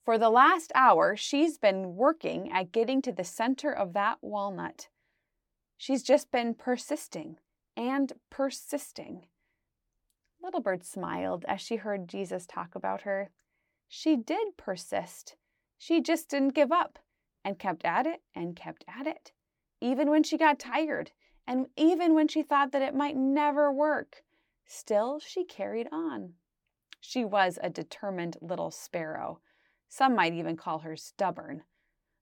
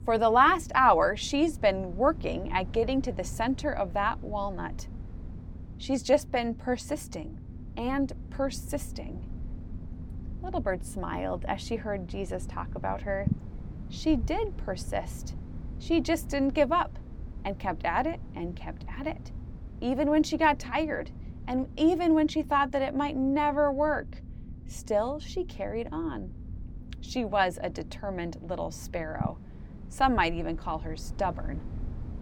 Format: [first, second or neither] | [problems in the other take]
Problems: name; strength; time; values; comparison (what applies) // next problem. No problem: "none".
first | low rumble; faint; throughout; 25 dB below the speech